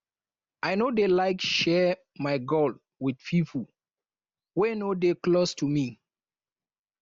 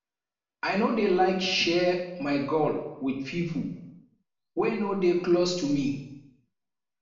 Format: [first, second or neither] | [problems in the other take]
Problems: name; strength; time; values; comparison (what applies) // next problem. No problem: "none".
first | room echo; dies away in 0.8 s